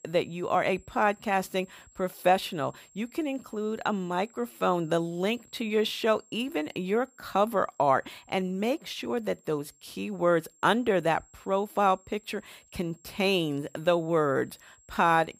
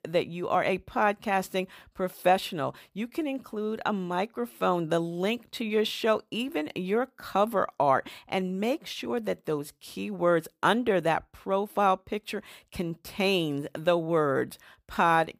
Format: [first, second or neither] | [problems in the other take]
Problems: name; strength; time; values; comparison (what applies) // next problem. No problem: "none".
second | high-pitched whine; faint; throughout; 7.5 kHz, 30 dB below the speech